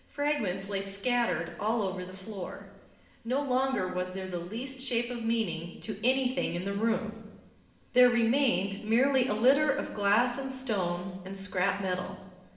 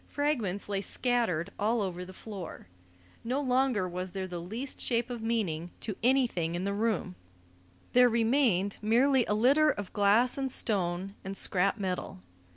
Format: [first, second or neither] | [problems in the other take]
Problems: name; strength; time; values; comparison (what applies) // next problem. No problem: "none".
second | room echo; dies away in 1 s